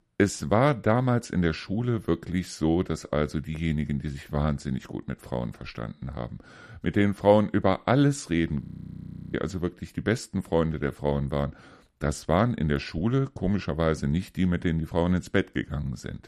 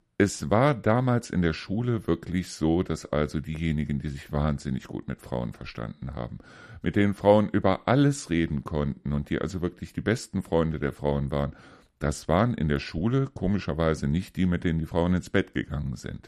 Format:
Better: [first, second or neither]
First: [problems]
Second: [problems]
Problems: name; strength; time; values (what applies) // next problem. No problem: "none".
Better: second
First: audio freezing; at 8.5 s for 0.5 s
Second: none